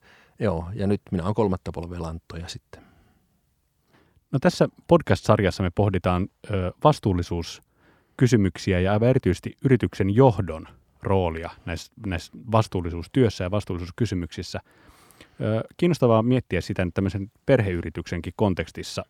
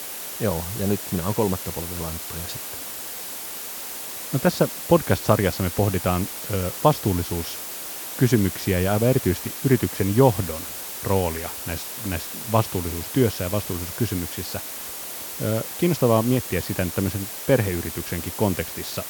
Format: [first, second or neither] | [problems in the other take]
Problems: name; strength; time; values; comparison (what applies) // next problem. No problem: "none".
first | hiss; loud; throughout; 7 dB below the speech